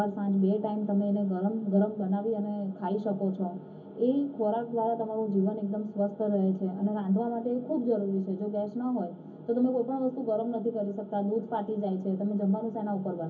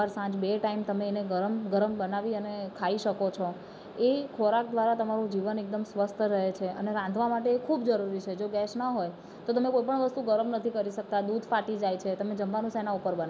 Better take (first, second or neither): second